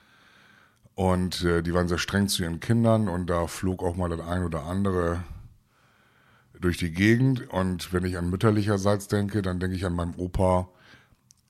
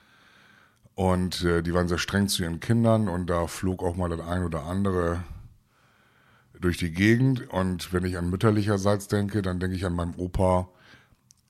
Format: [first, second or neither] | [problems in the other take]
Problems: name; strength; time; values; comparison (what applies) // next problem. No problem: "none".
neither | none